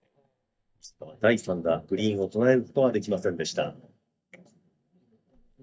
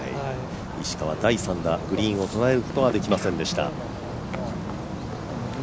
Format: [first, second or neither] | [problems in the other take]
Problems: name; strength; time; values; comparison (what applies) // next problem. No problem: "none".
second | noise reduction (neural mask model DeepFilterNet 3)